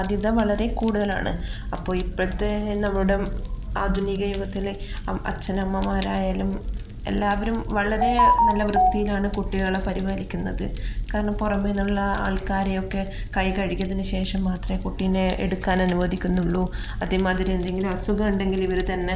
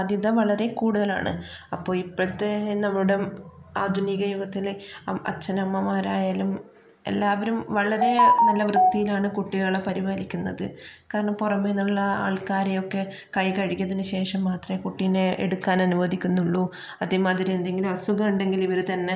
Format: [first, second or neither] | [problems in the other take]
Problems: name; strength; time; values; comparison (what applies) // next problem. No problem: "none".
second | background sound (Fire); 6 dB below the speech